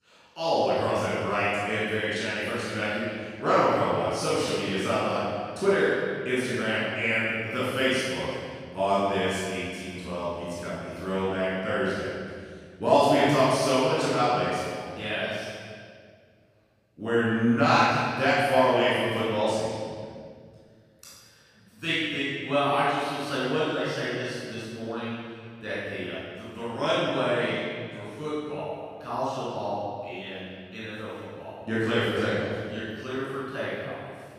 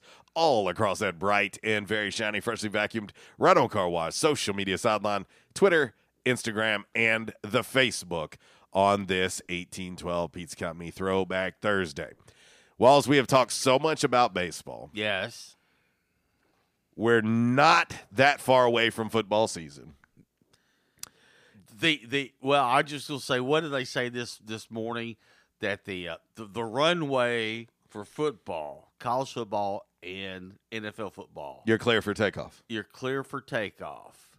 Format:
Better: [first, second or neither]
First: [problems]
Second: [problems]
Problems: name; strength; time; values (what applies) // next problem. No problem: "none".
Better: second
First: off-mic speech; far // room echo; strong; dies away in 1.9 s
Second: none